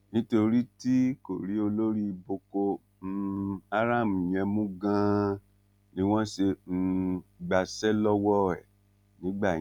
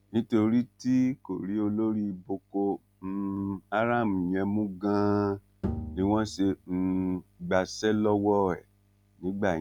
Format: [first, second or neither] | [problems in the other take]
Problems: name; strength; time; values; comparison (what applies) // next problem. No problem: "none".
first | background sound (Bowed string instrument); 9 dB below the speech